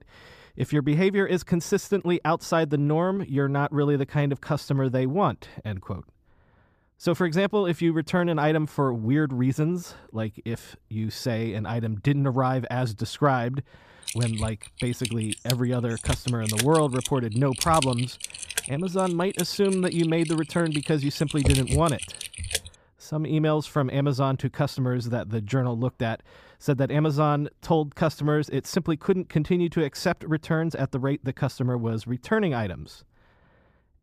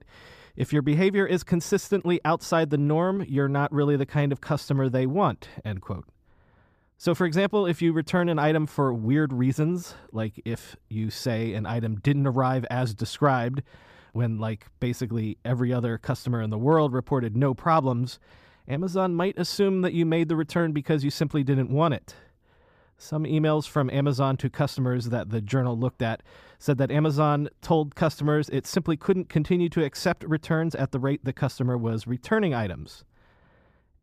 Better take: second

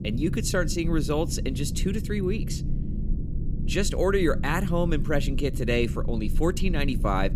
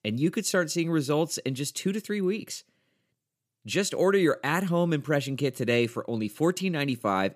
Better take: second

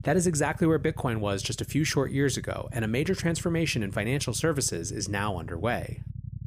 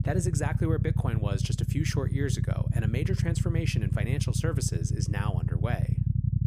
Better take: first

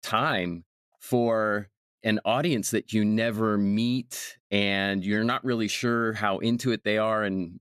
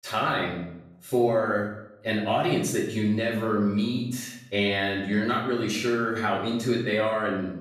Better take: first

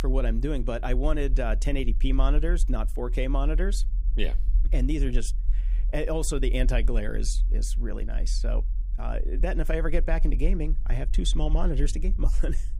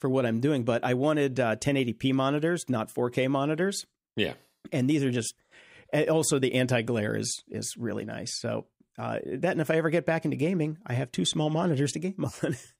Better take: second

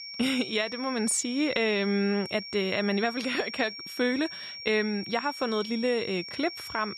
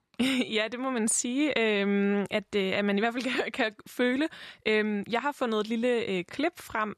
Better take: second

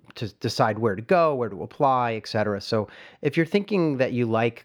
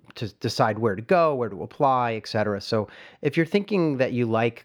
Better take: neither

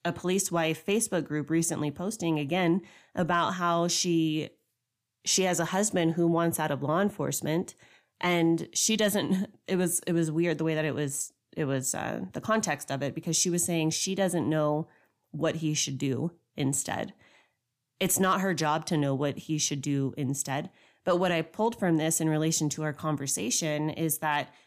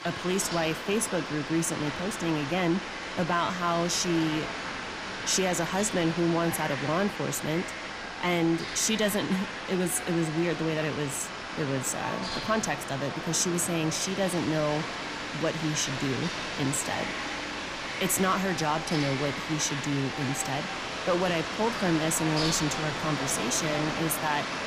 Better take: first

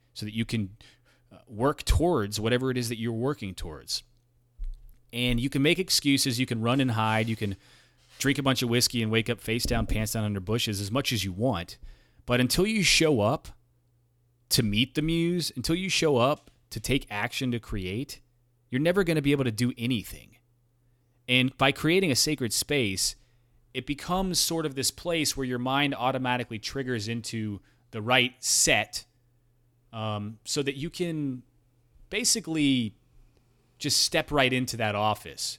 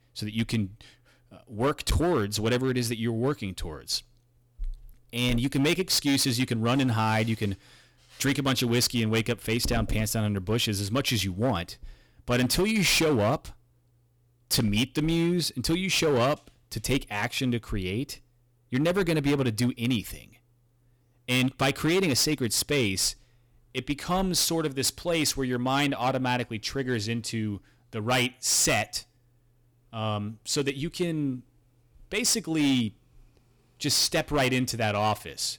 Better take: first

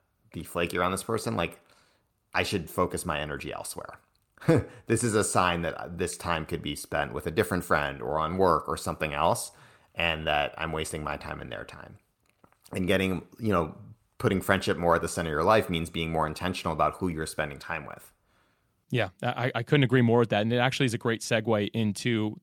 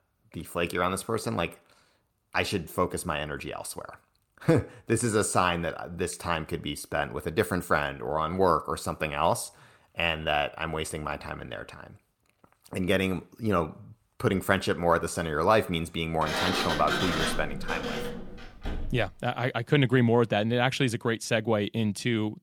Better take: first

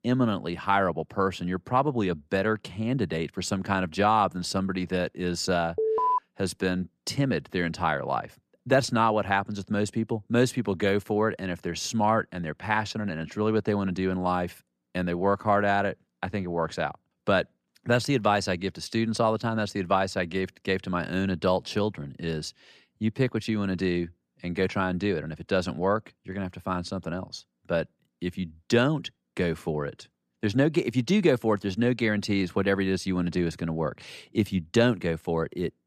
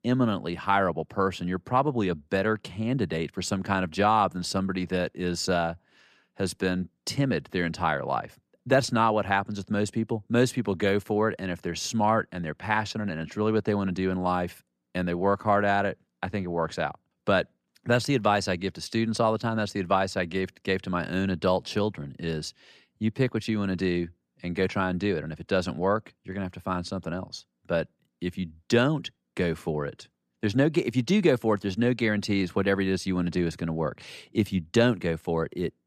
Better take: second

